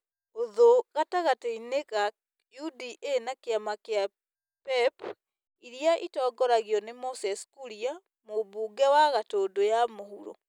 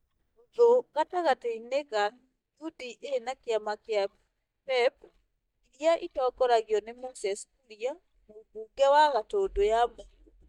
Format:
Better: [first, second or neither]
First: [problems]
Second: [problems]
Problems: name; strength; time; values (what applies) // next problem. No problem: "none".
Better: first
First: none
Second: noise reduction (neural mask model DeepFilterNet 3)